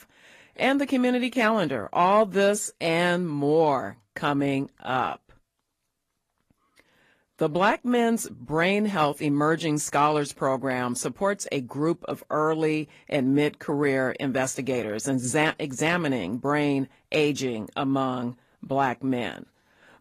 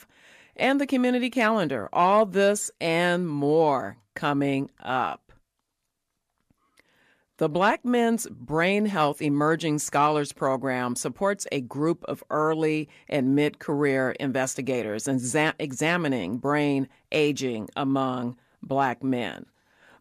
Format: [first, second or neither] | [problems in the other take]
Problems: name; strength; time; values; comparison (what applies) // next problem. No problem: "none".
second | garbled, watery; slightly; nothing above 14.5 kHz